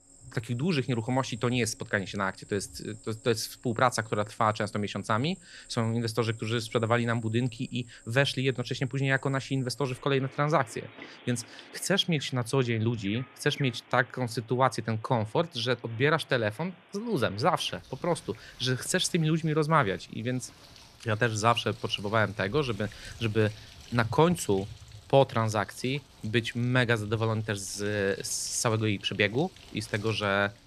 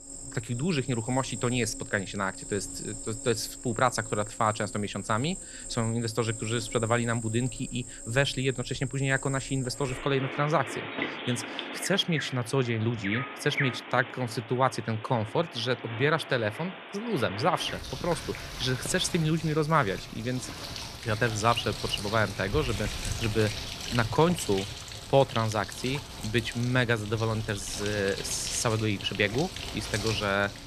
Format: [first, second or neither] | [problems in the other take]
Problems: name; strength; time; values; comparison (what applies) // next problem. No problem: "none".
first | animal sounds; loud; throughout; 8 dB below the speech; faint in the first